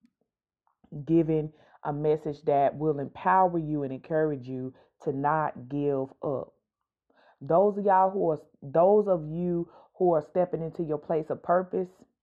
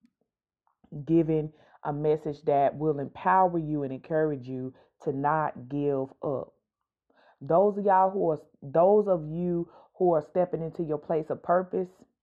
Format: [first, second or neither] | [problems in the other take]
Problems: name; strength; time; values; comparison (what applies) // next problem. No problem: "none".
neither | muffled; very; fading above 3.5 kHz; the same in both